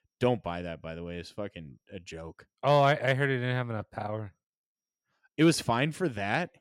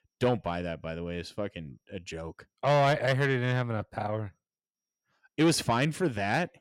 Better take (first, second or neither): first